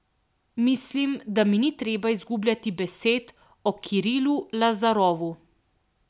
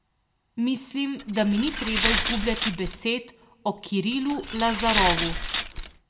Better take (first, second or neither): first